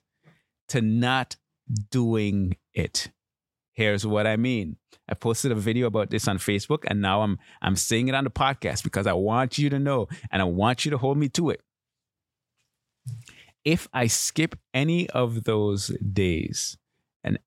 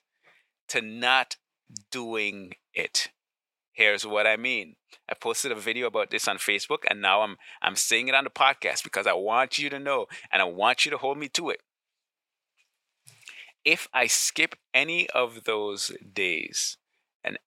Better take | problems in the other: first | thin; very; fading below 600 Hz

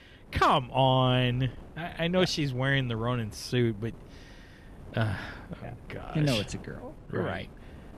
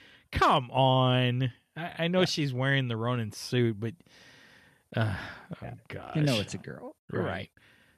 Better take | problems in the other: second | wind noise on the microphone; occasional gusts; 25 dB below the speech

